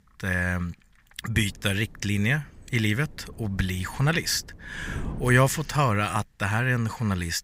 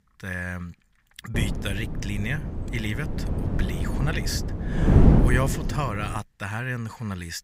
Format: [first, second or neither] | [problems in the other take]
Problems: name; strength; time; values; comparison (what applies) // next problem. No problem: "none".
first | wind noise on the microphone; heavy; from 1.5 to 6 s; 2 dB below the speech; occasional gusts in the first